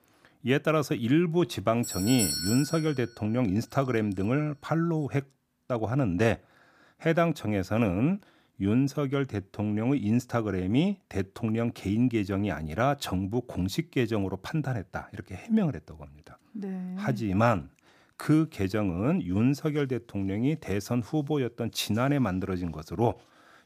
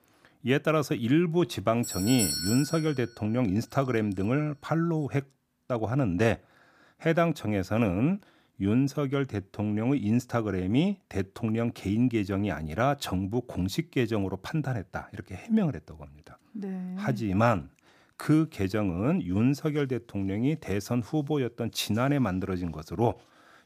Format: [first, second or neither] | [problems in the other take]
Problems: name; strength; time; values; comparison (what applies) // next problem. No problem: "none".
neither | doorbell; loud; at 2 s; peak level with the speech; the same in both